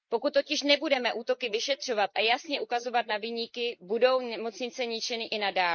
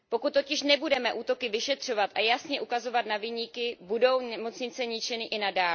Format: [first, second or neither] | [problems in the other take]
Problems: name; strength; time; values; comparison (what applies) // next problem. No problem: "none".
second | noise reduction (neural mask model Resemble Enhance denoiser)